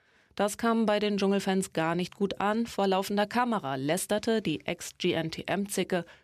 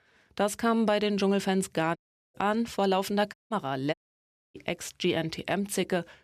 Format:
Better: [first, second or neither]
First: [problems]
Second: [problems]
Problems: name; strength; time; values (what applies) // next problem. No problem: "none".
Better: first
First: none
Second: audio cutting out; at 2 s, at 3.5 s and at 4 s for 0.5 s